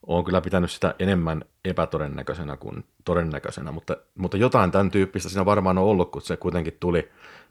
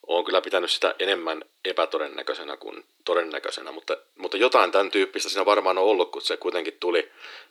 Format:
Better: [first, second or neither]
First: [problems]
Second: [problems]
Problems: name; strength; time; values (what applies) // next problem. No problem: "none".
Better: first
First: none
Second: thin; very; fading below 300 Hz